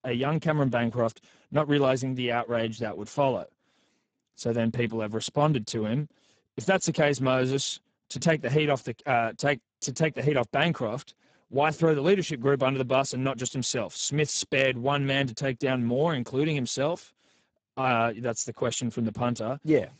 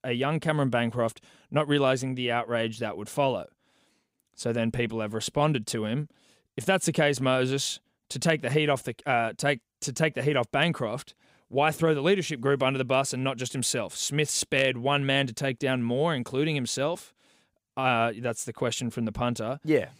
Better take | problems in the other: second | garbled, watery; badly; nothing above 7.5 kHz

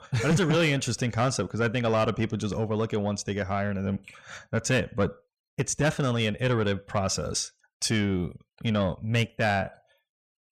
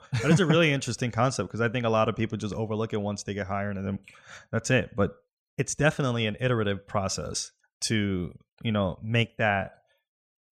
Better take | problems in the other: second | distortion; slight; 10 dB below the speech

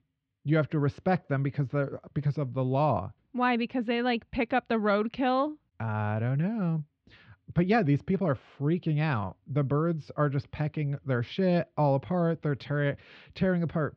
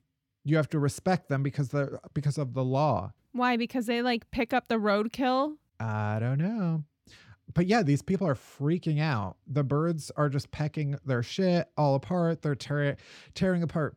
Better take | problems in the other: second | muffled; slightly; fading above 3.5 kHz

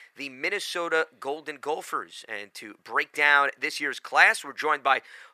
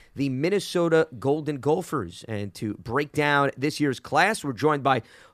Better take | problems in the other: second | thin; very; fading below 650 Hz

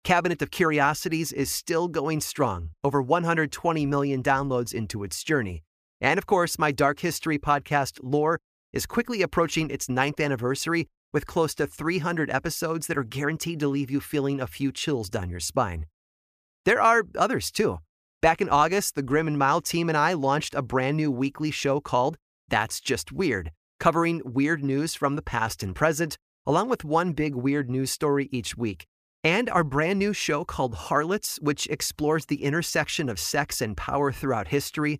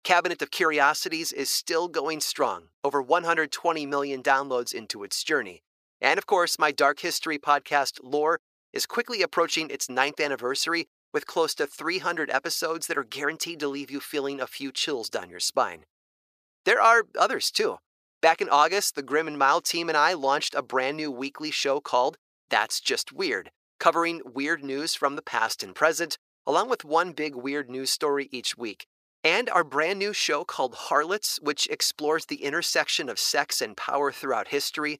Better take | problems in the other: first | thin; somewhat; fading below 450 Hz

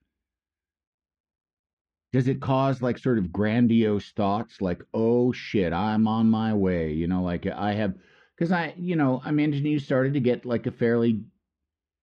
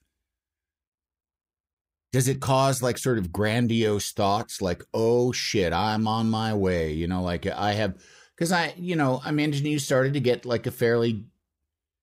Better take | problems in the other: second | muffled; slightly; fading above 3 kHz

